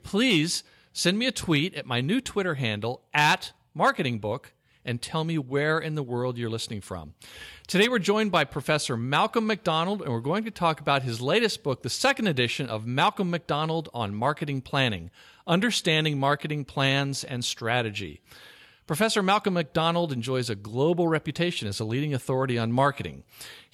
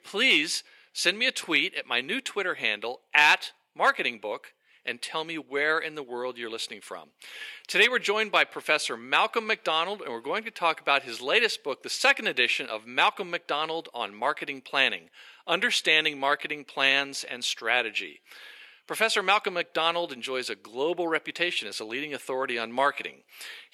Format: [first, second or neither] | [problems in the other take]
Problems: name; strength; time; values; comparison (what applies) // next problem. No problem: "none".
first | thin; somewhat; fading below 350 Hz